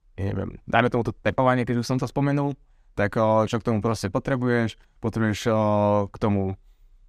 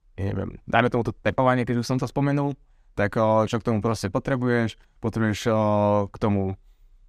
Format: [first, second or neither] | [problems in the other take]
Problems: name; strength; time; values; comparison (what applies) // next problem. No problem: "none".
neither | none